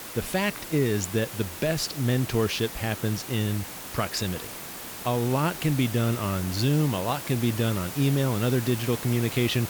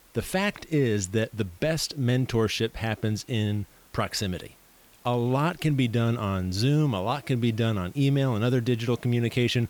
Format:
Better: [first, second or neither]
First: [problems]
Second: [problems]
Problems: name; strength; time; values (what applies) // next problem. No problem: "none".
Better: second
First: hiss; loud; throughout; 9 dB below the speech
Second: hiss; faint; throughout; 30 dB below the speech